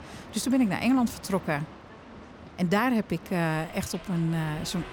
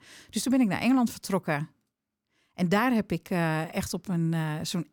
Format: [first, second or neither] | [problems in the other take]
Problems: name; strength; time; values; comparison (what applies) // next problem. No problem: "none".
second | train or aircraft noise; noticeable; throughout; 15 dB below the speech